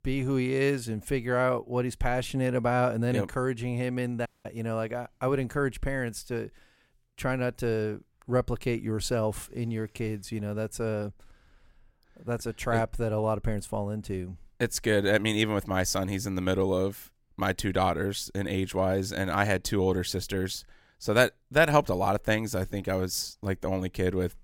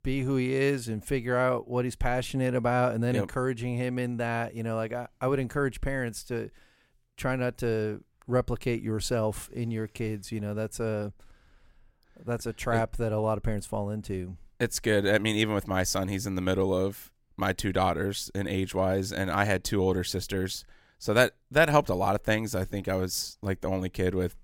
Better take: second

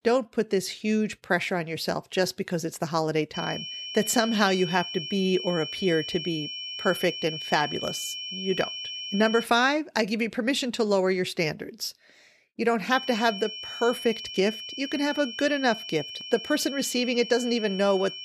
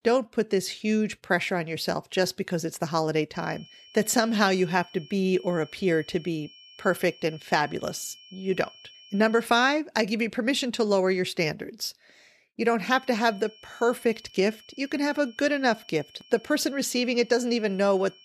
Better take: second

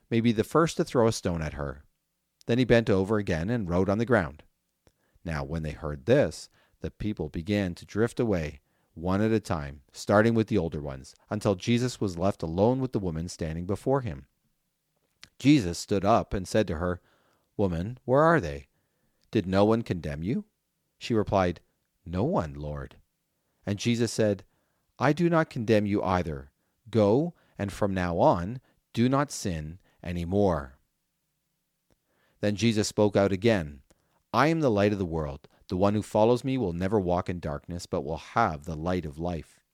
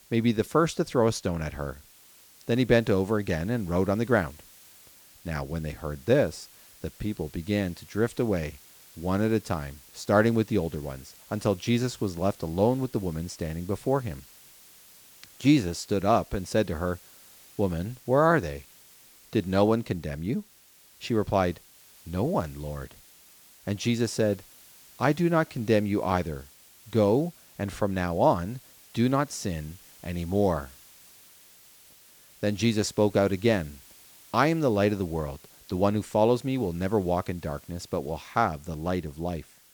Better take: first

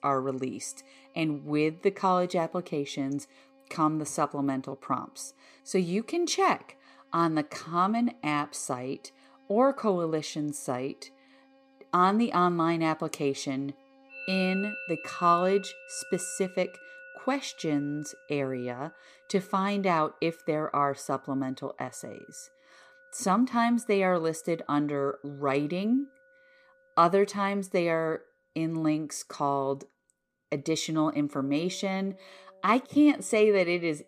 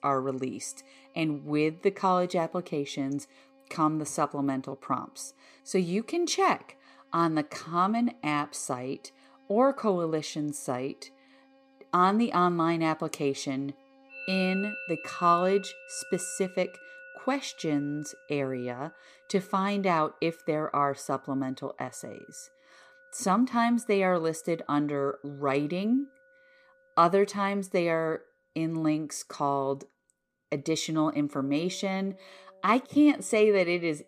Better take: neither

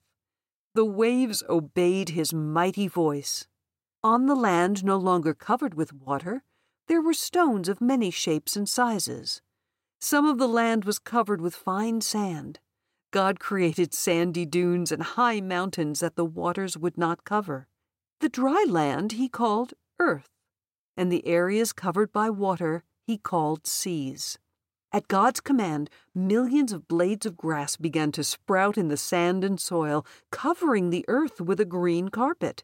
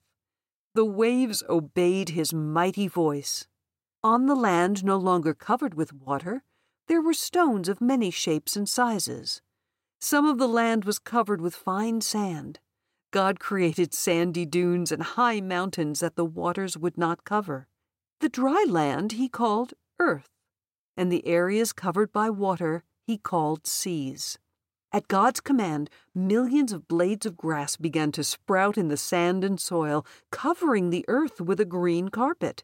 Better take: neither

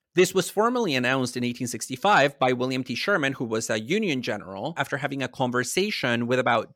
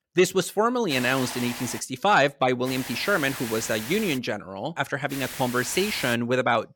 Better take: first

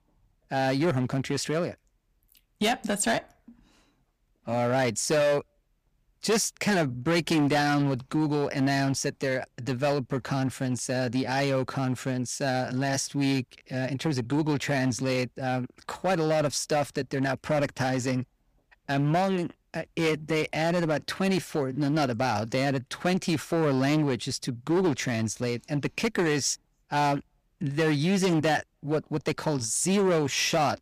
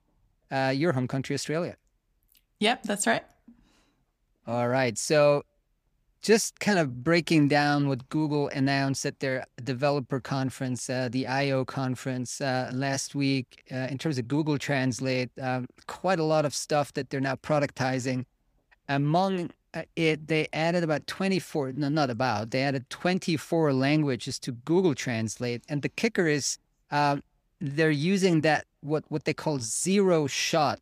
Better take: second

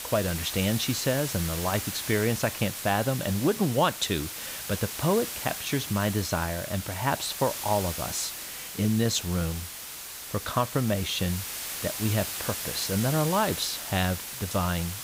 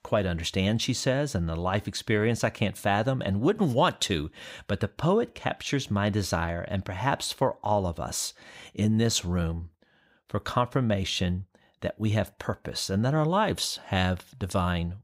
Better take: second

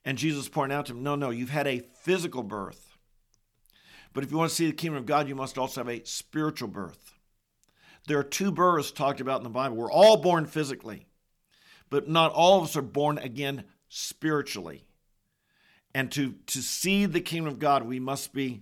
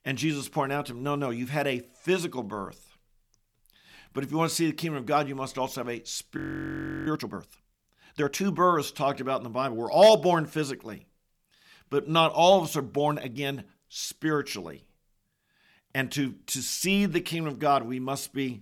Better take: first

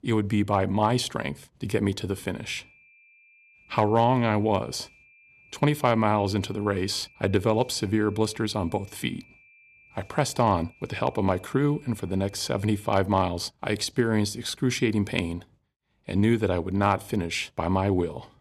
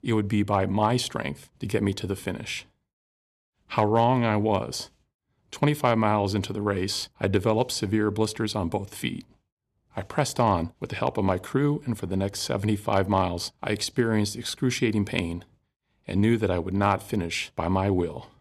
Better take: second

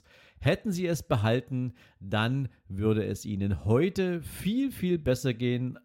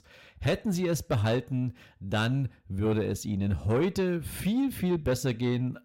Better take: first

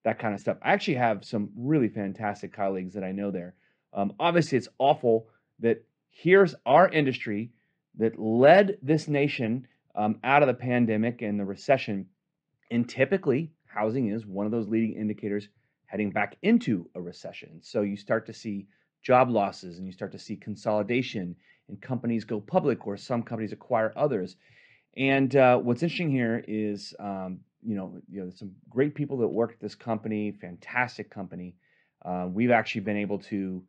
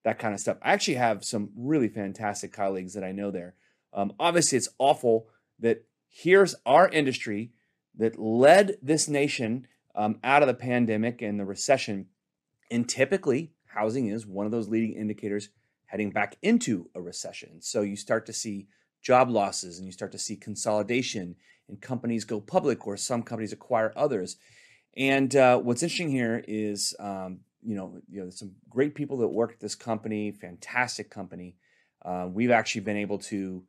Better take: second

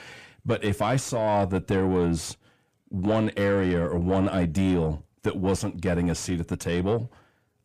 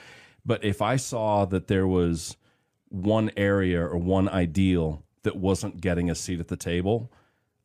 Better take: second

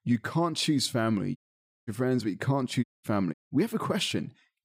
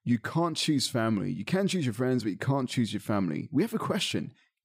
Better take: second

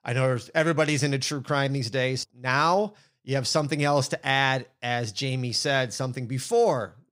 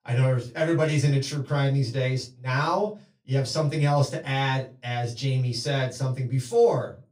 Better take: first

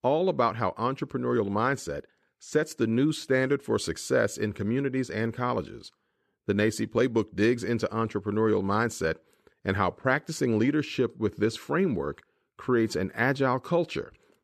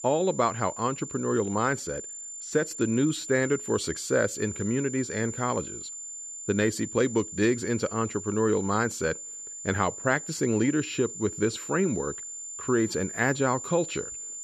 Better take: first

